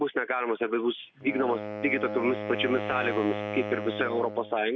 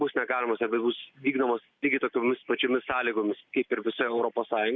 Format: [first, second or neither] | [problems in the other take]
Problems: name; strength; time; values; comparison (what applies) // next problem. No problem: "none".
second | background sound (Wind instrument, woodwind instrument); 7 dB below the speech